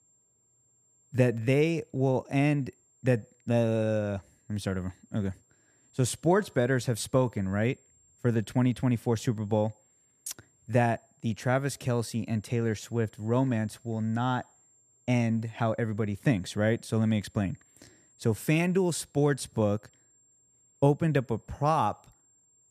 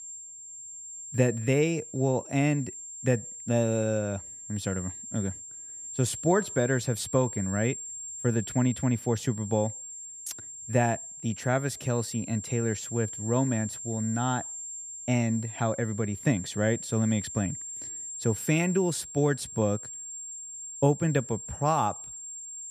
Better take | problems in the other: first | high-pitched whine; loud; throughout; 7.5 kHz, 9 dB below the speech; faint in the first

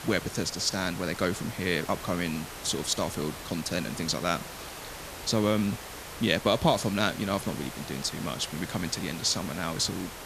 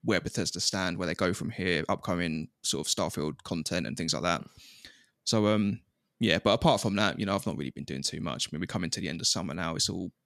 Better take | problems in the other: second | hiss; noticeable; throughout; 10 dB below the speech

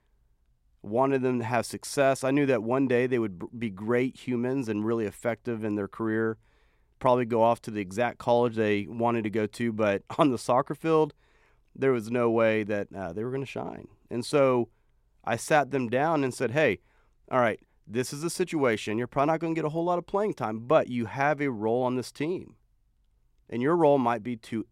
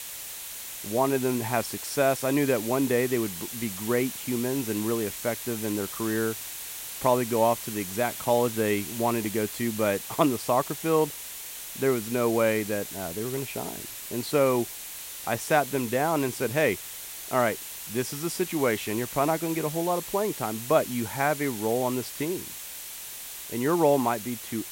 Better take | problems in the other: first | hiss; loud; throughout; 8 dB below the speech

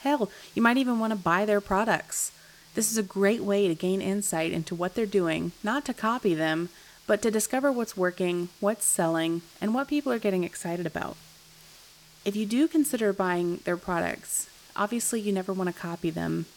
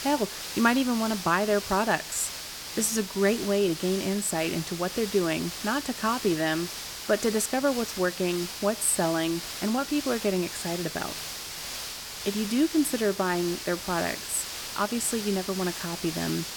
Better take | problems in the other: first | hiss; loud; throughout; 7 dB below the speech; faint in the first

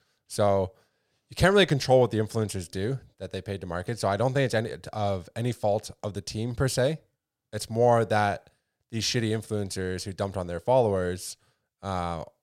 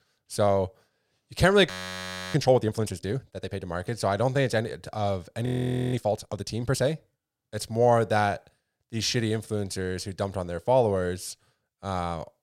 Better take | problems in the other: first | audio freezing; at 1.5 s for 0.5 s and at 5.5 s

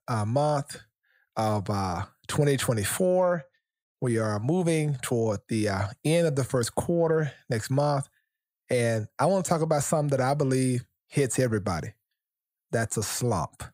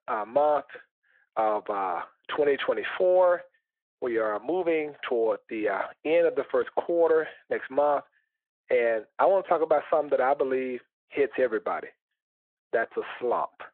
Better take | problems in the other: first | phone-call audio

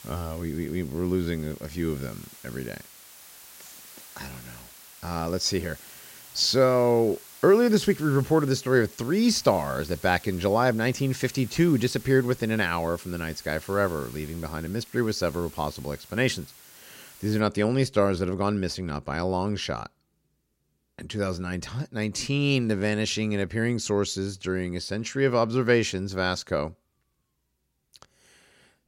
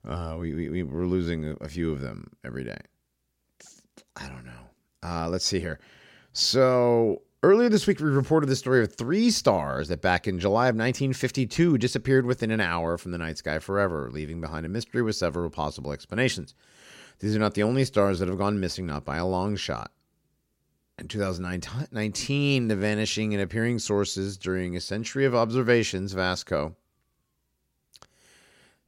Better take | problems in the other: second | hiss; noticeable; until 17 s; 20 dB below the speech

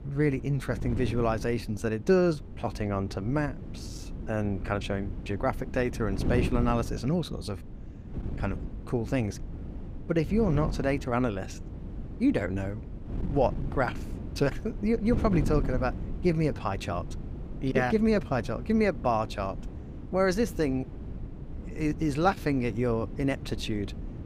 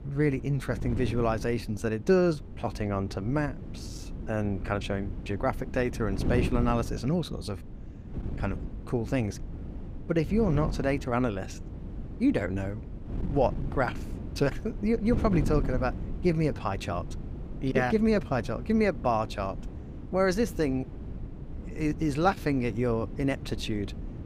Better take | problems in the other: neither | wind noise on the microphone; occasional gusts; 15 dB below the speech; the same in both

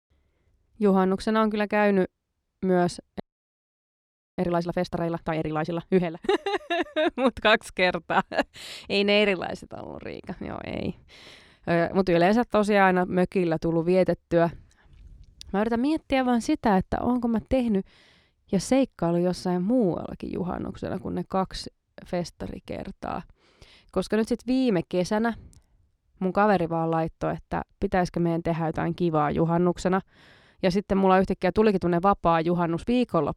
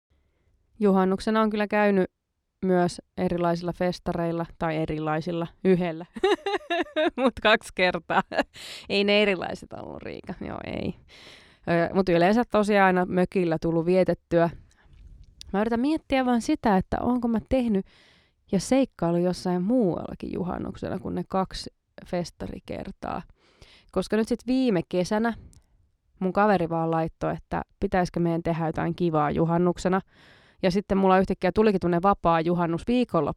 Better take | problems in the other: second | audio freezing; at 3 s for 1 s

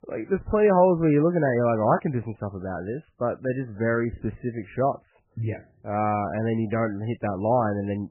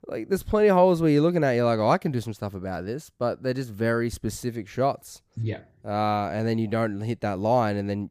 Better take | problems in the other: second | garbled, watery; badly; nothing above 2.5 kHz

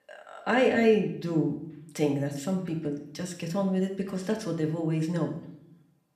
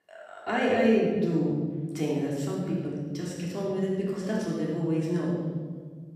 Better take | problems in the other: first | room echo; strong; dies away in 1.8 s; slight in the first // off-mic speech; far; somewhat distant in the first

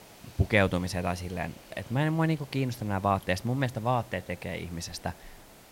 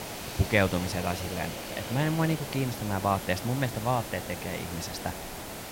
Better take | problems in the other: first | hiss; loud; throughout; 7 dB below the speech; faint in the first

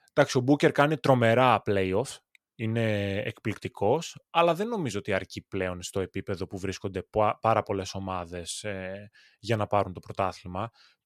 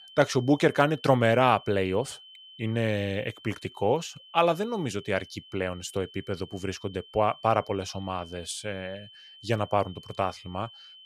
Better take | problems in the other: first | high-pitched whine; faint; throughout; 3 kHz, 20 dB below the speech

